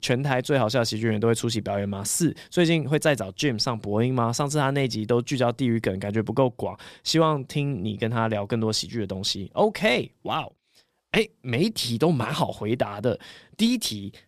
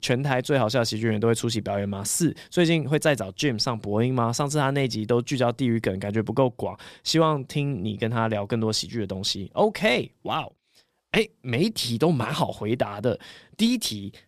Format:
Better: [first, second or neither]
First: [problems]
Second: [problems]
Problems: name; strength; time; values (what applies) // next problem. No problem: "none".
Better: neither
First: none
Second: none